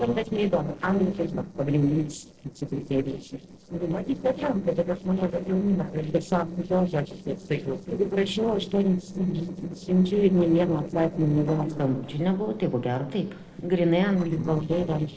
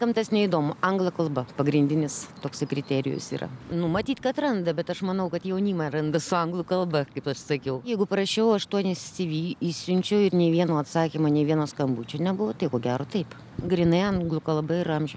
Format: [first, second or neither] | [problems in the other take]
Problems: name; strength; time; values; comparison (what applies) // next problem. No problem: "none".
second | noise reduction (neural separator model SepFormer DNS4)